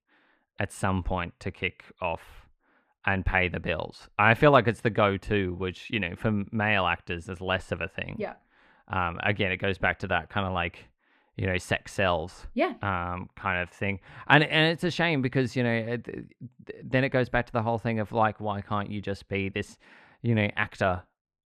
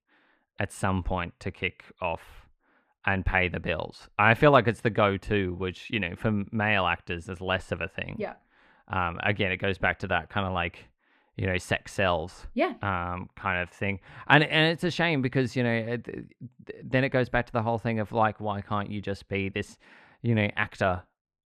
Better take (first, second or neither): neither